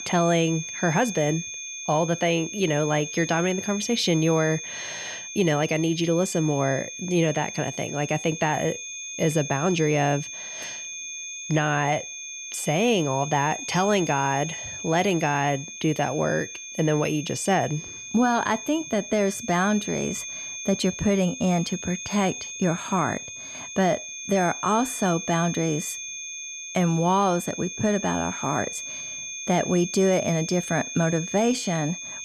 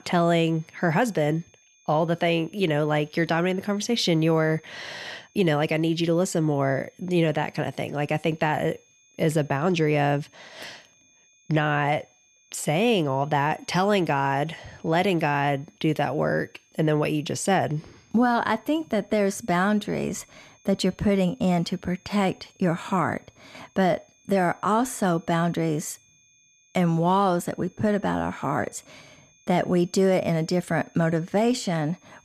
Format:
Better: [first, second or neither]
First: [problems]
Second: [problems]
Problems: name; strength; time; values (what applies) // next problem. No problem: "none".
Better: second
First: high-pitched whine; loud; throughout; 6.5 kHz, 8 dB below the speech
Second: high-pitched whine; faint; throughout; 6.5 kHz, 35 dB below the speech